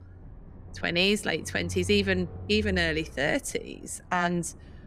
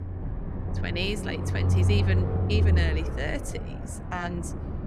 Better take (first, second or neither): first